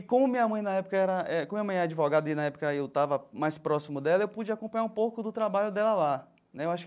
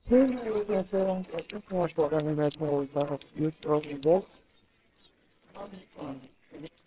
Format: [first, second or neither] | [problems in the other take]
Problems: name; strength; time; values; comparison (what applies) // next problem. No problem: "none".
first | noise reduction (neural separator model SepFormer WHAMR!)